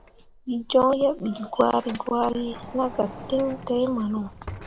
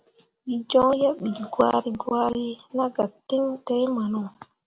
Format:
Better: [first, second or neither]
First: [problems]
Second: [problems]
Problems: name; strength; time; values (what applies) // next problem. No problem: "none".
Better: second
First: background sound (Sliding door); 16 dB below the speech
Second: none